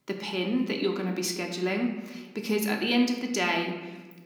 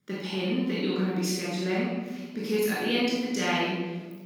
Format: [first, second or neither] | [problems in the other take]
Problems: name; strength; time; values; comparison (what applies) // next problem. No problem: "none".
first | room echo; strong; dies away in 1.8 s; slight in the first // off-mic speech; far